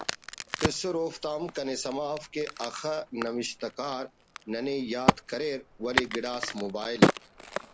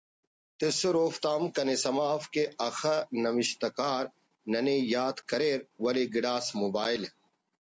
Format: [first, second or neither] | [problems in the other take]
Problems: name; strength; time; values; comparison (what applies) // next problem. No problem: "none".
second | background sound (Crack); 1 dB above the speech